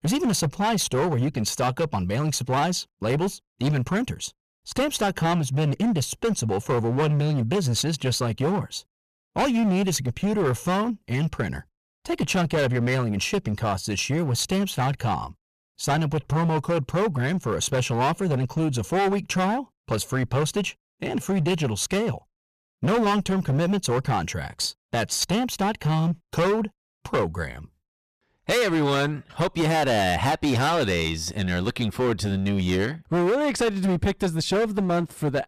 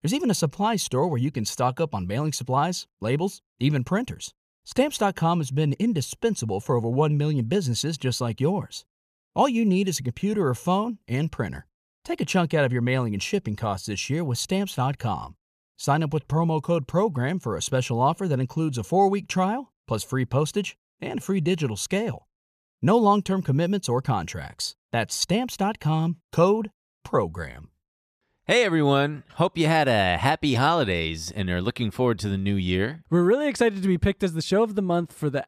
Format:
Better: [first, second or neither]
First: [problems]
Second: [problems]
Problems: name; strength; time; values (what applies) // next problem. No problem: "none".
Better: second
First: distortion; heavy; 16% of the sound clipped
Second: none